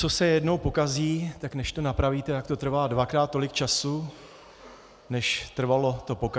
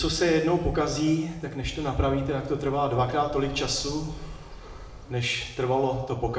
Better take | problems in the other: first | background sound (Bird); 16 dB below the speech // room echo; dies away in 0.9 s

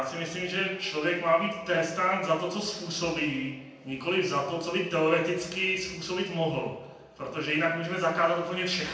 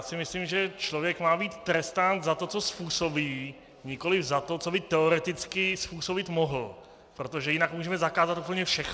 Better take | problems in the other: second | room echo; dies away in 0.8 s

